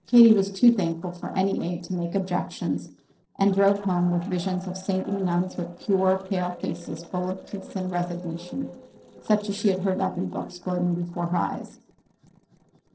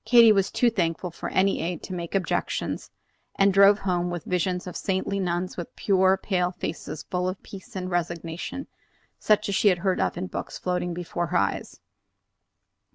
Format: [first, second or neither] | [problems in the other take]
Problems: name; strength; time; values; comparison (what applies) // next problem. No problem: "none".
second | noise reduction (neural separator model SepFormer DNS4)